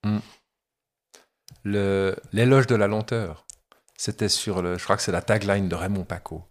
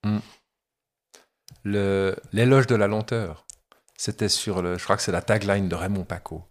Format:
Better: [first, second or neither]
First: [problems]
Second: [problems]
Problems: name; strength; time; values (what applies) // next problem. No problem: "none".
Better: neither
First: none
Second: none